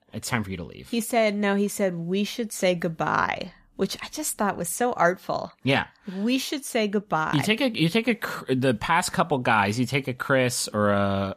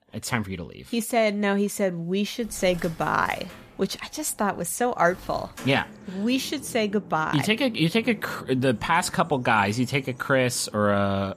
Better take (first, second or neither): first